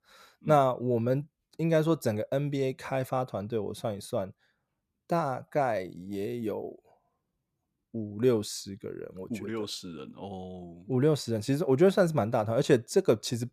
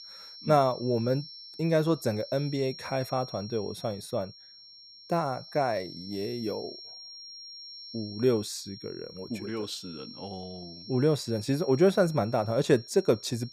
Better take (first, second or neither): first